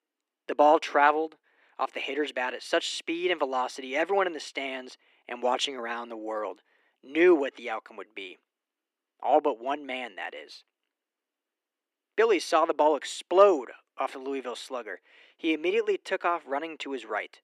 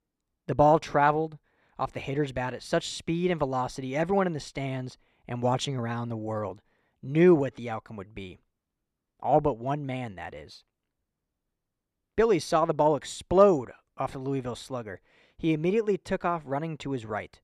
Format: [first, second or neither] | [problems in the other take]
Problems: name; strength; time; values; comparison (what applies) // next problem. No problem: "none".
second | thin; somewhat; fading below 300 Hz